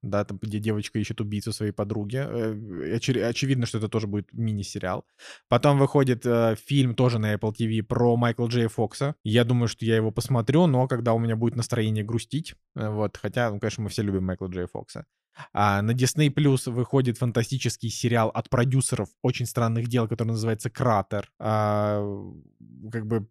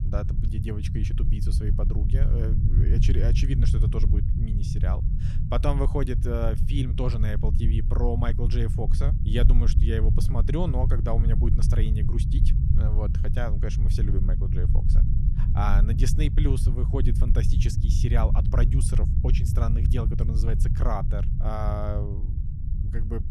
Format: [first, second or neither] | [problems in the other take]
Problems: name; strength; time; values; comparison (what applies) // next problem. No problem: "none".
first | low rumble; loud; throughout; 5 dB below the speech